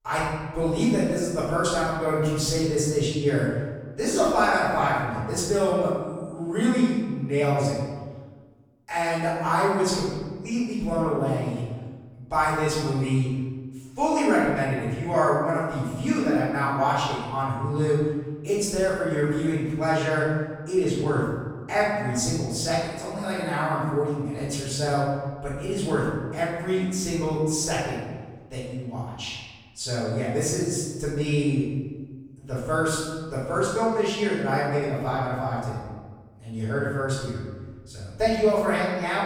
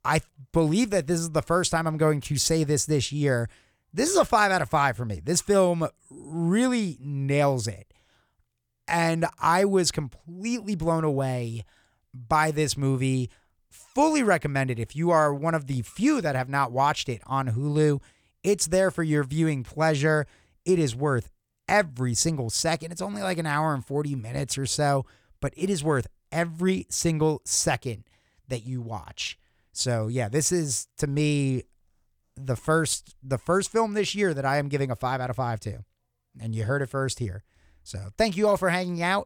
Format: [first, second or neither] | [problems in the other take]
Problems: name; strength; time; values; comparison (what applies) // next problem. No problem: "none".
second | off-mic speech; far // room echo; strong; dies away in 1.3 s